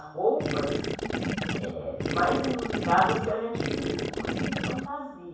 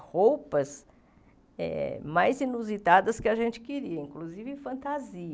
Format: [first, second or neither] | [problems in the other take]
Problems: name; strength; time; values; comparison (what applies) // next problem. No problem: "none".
second | background sound (Gurgling / Liquid); as loud as the speech // room echo; dies away in 0.7 s